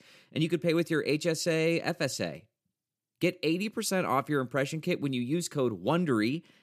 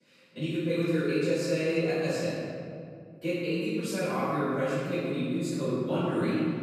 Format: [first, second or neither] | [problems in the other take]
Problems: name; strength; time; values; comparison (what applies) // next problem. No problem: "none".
first | off-mic speech; far // room echo; strong; dies away in 2.2 s